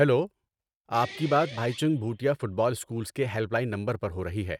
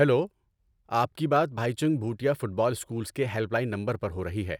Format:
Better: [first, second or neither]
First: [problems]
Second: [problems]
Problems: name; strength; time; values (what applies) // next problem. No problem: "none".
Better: second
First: noise reduction (neural mask model RNNoise)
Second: none